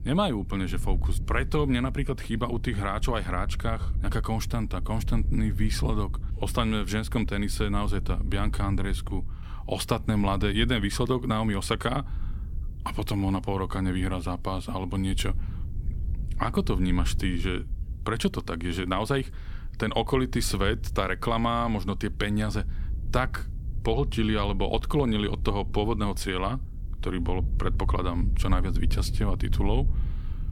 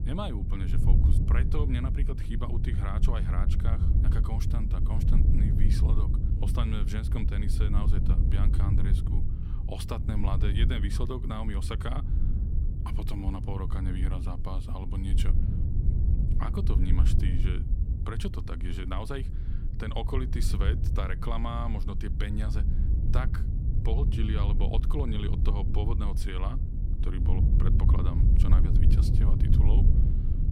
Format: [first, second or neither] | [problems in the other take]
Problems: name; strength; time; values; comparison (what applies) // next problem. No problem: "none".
first | wind noise on the microphone; heavy; 3 dB below the speech; occasional gusts in the first